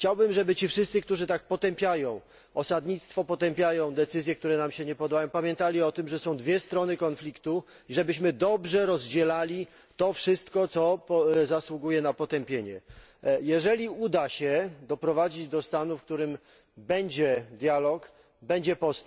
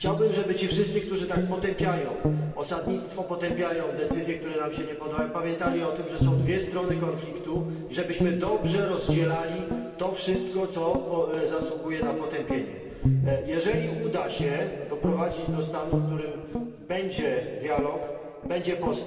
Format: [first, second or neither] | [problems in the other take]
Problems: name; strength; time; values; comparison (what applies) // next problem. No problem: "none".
first | background sound (Guitar); 3 dB below the speech // room echo; dies away in 2.6 s